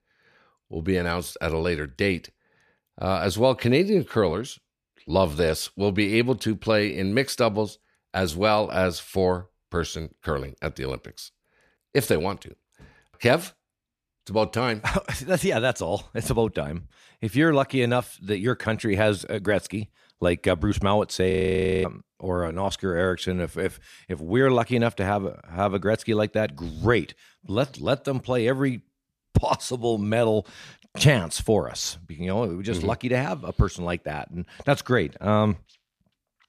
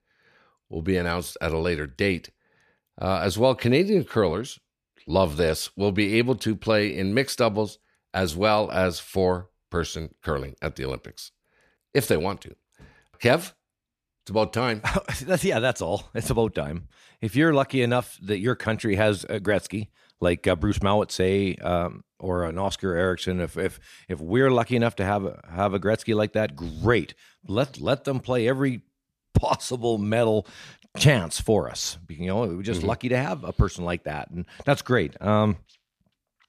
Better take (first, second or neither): second